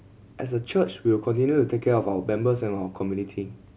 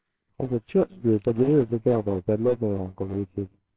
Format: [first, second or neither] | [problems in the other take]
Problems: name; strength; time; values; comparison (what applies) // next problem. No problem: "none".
first | noise reduction (neural separator model SepFormer WHAMR!)